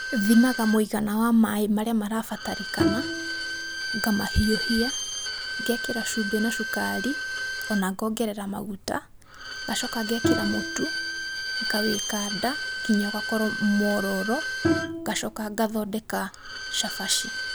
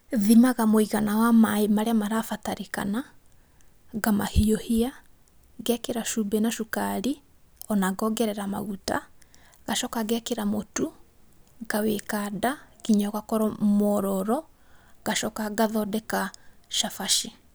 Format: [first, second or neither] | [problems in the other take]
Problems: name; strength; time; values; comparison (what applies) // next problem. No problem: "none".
second | background sound (Bowed string instrument + Bowed string instrument); 4 dB below the speech